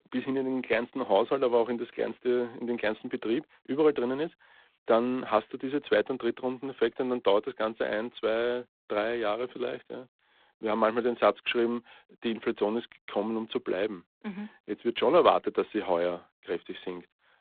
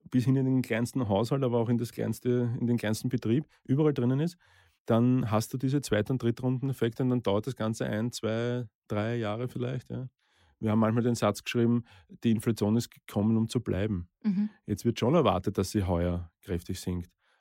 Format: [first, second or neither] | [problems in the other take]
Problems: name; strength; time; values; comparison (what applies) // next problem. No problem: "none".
second | phone-call audio; poor line; nothing above 3.5 kHz